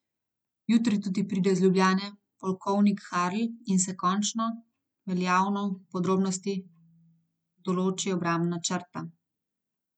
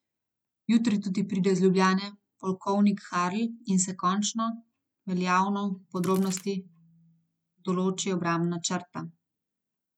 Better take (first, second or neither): first